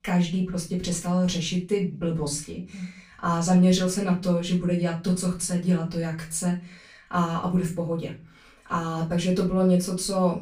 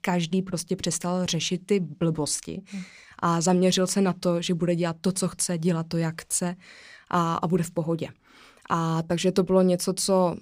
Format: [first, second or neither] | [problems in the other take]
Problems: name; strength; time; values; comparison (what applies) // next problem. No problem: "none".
second | off-mic speech; far // room echo; slight; dies away in 0.3 s